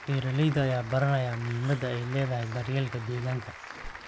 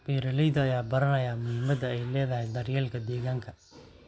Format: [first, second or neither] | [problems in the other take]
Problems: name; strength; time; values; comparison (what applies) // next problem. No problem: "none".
second | background sound (Applause); 14 dB below the speech